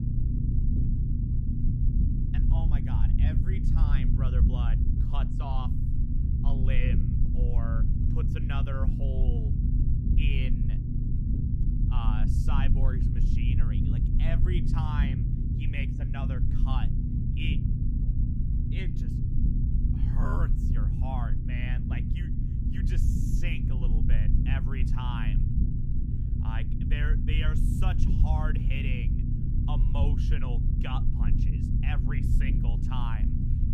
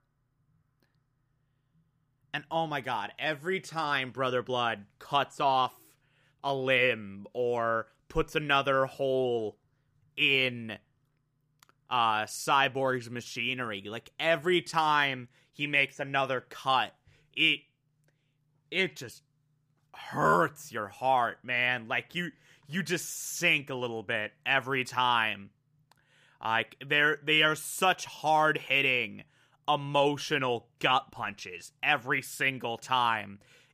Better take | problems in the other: second | low rumble; loud; throughout; 1 dB below the speech

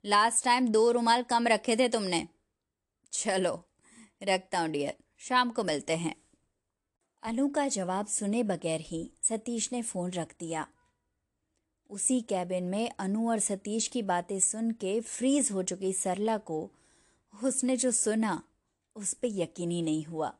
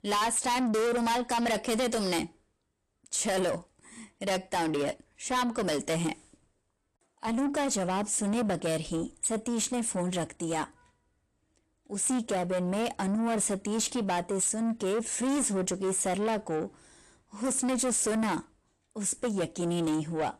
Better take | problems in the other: first | distortion; heavy; 6 dB below the speech

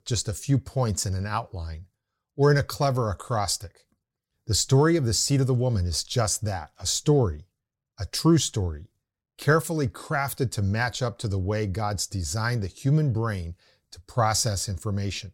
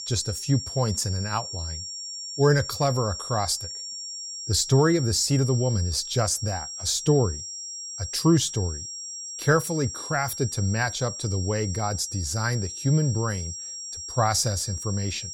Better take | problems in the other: first | high-pitched whine; loud; throughout; 5.5 kHz, 8 dB below the speech

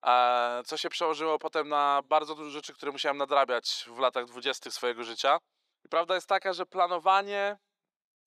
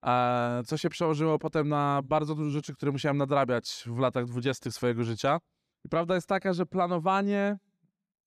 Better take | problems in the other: second | thin; very; fading below 450 Hz

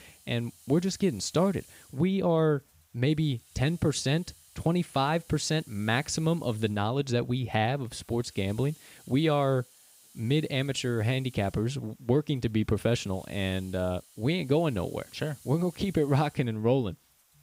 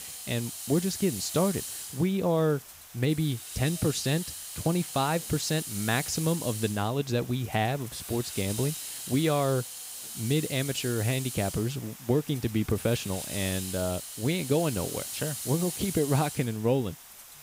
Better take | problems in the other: first | hiss; loud; throughout; 7 dB below the speech; faint in the first

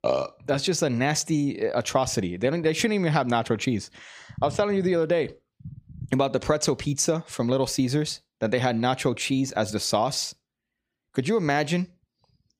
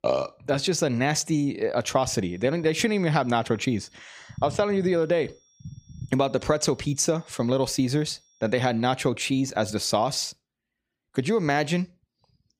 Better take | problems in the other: first | high-pitched whine; faint; from 2 to 8.5 s; 5.5 kHz, 35 dB below the speech

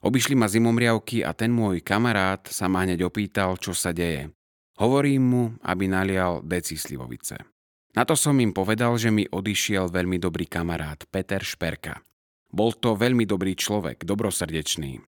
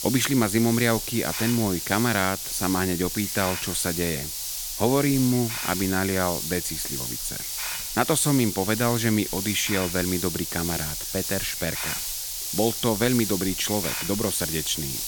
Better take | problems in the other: first | hiss; loud; throughout; 3 dB below the speech

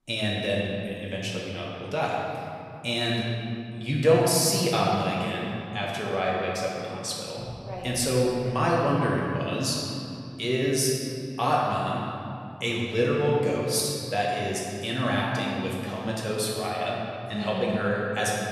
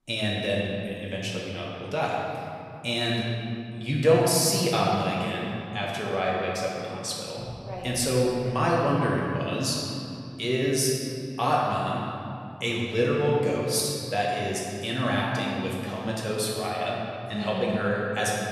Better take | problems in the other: neither | room echo; noticeable; dies away in 2.7 s; the same in both // off-mic speech; far; the same in both

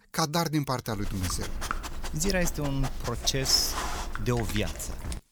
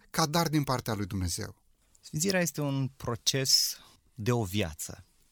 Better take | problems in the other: second | dog barking; noticeable; from 1 s on; peak 4 dB below the speech

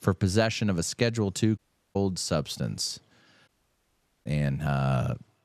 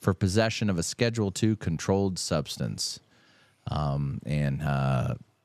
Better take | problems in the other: second | audio cutting out; at 1.5 s and at 3.5 s for 1 s

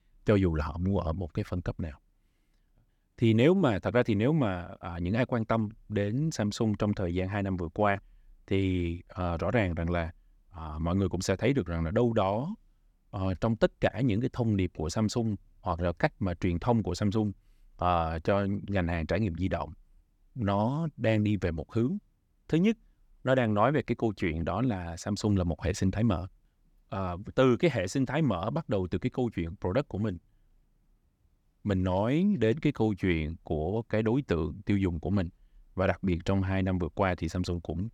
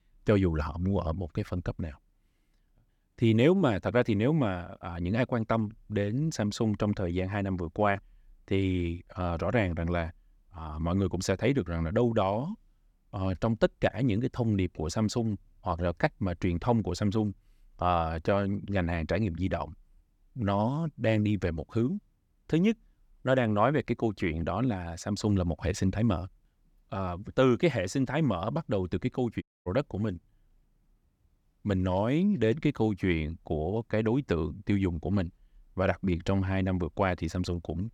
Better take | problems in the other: first | audio cutting out; at 29 s

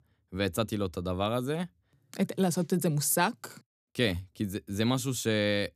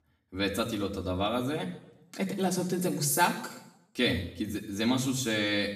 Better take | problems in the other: first | room echo; slight; dies away in 0.7 s // off-mic speech; far

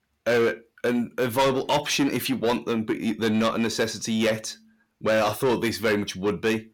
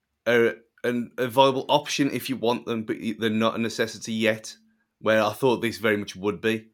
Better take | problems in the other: second | distortion; heavy; 8 dB below the speech

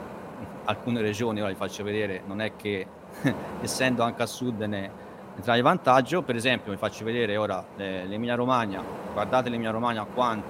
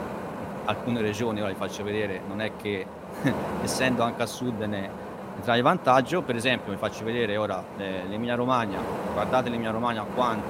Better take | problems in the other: first | wind noise on the microphone; heavy; 9 dB below the speech; occasional gusts in the first

